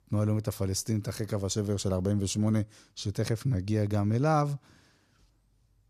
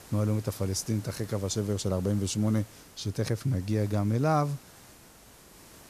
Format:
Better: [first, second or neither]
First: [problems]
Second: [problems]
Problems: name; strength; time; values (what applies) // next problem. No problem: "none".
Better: first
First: none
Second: hiss; faint; throughout; 20 dB below the speech